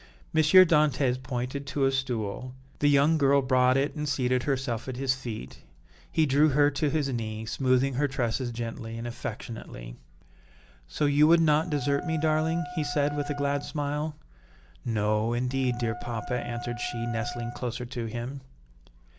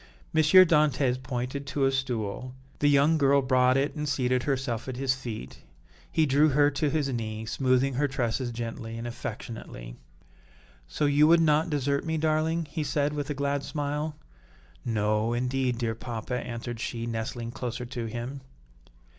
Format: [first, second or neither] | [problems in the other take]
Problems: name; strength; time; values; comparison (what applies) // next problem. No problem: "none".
second | background sound (Wind instrument, woodwind instrument); 14 dB below the speech